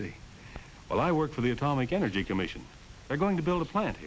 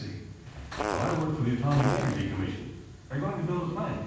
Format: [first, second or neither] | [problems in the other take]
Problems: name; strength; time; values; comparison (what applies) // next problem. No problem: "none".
first | background sound (Fart); 5 dB below the speech // room echo; dies away in 1.2 s